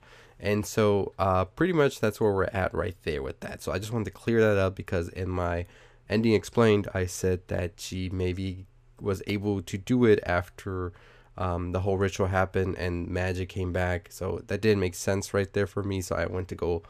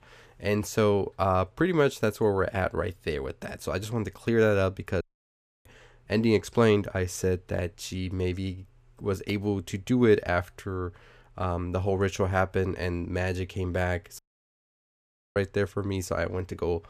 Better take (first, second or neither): first